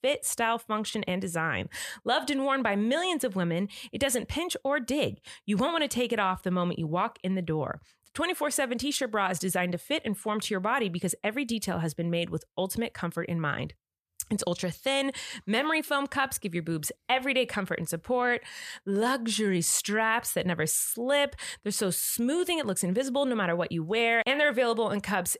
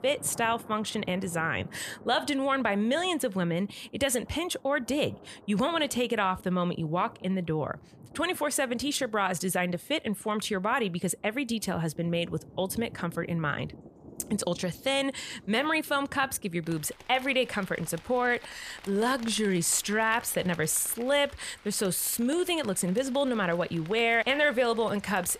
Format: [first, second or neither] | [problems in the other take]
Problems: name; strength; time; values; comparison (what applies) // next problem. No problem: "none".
first | rain or running water; faint; throughout; 20 dB below the speech